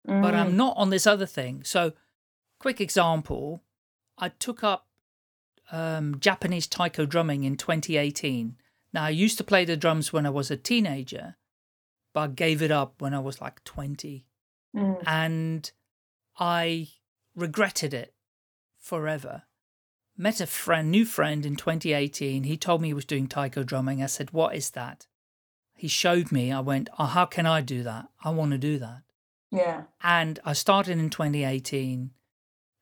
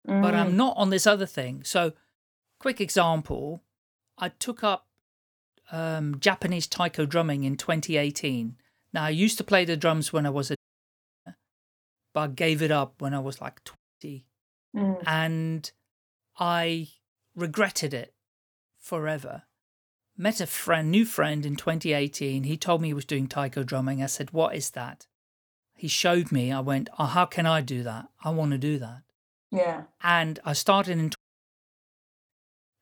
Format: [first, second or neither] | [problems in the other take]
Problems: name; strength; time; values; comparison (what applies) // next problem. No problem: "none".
first | audio cutting out; at 11 s for 0.5 s, at 14 s and at 31 s for 1 s